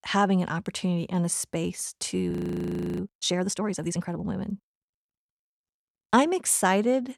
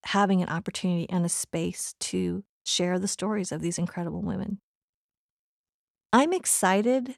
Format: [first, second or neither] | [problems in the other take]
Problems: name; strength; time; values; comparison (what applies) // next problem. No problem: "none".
second | audio freezing; at 2.5 s for 0.5 s